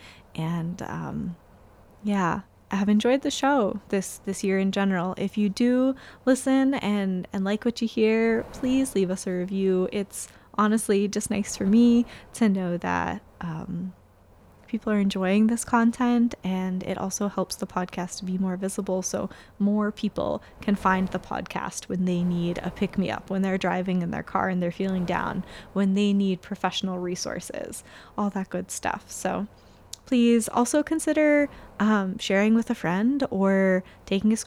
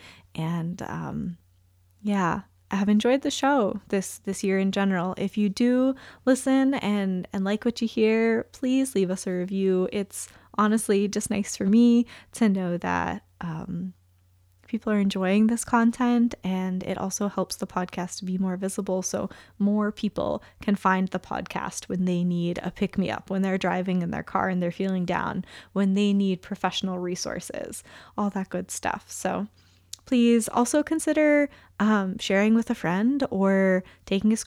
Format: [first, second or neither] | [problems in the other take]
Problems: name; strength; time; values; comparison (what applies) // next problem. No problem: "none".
second | wind noise on the microphone; occasional gusts; 25 dB below the speech